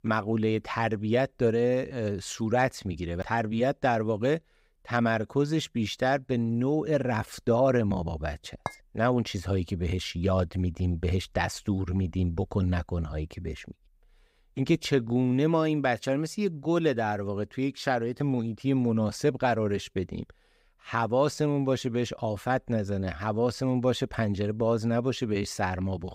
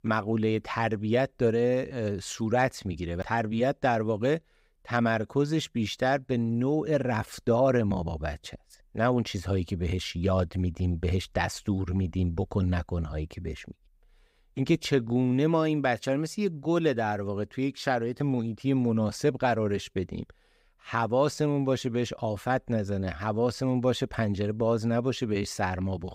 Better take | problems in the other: second | clattering dishes; very faint; at 8.5 s; peak 10 dB below the speech

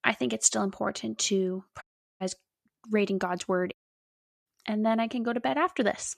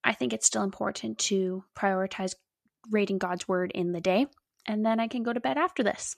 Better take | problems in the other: second | audio cutting out; at 2 s and at 3.5 s for 0.5 s

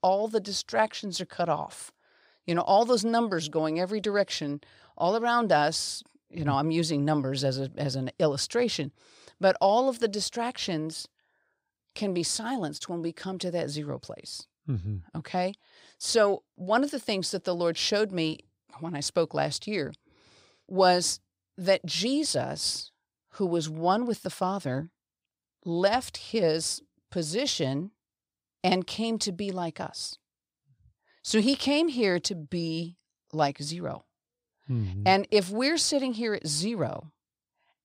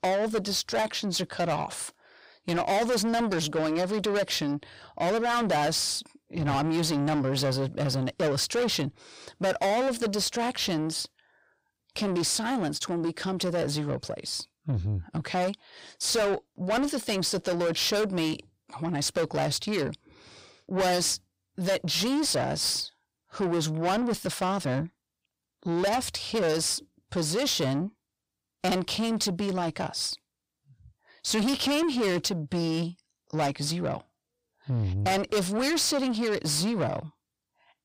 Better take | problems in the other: first | distortion; heavy; 6 dB below the speech

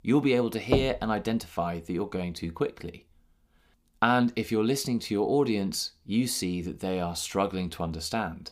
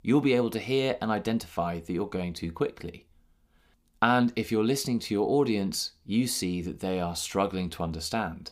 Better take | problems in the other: second | door banging; noticeable; at 0.5 s; peak 1 dB below the speech

